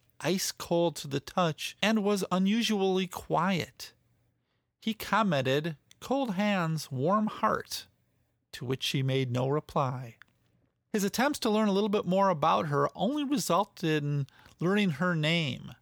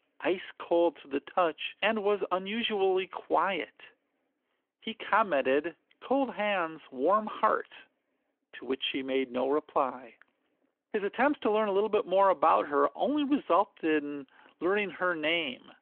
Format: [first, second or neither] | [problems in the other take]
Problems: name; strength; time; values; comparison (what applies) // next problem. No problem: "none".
first | phone-call audio; nothing above 3.5 kHz